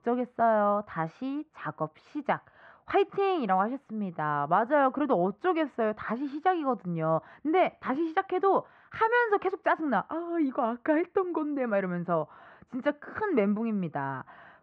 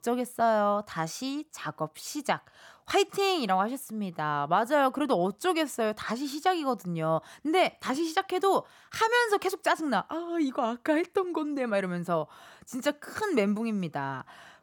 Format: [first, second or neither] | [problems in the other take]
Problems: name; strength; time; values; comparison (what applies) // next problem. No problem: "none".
second | muffled; very; fading above 2 kHz